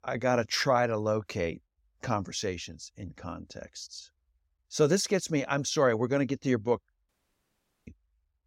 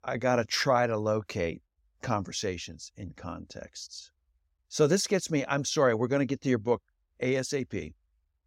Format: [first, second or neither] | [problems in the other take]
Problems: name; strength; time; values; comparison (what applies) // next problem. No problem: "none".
second | audio cutting out; at 7 s for 1 s